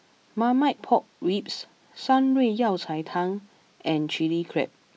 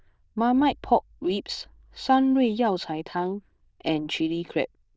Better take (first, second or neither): first